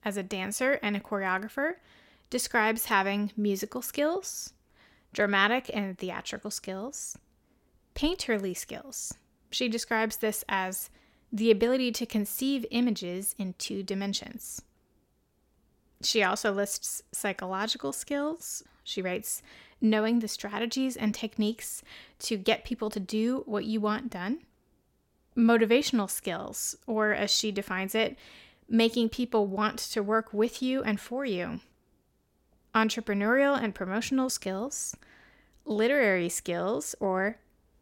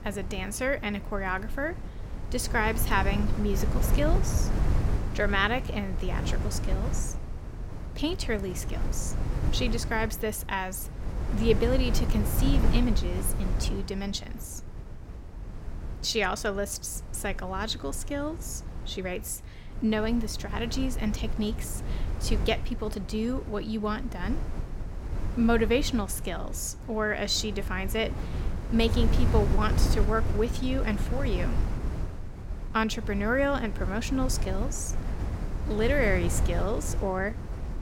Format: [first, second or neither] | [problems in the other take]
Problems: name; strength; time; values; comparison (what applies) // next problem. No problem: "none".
first | wind noise on the microphone; occasional gusts; 10 dB below the speech